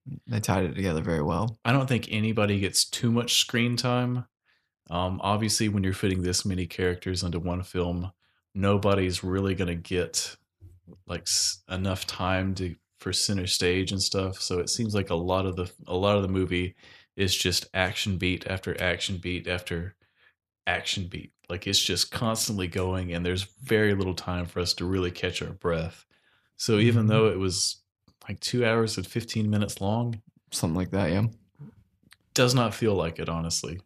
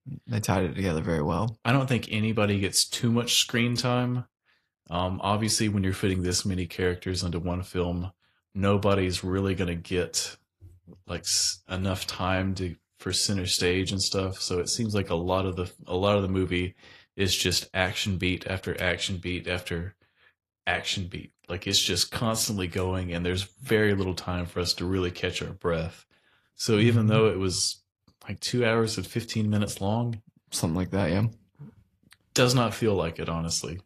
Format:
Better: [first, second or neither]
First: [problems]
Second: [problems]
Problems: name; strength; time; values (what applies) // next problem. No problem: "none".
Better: first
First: none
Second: garbled, watery; slightly; nothing above 14.5 kHz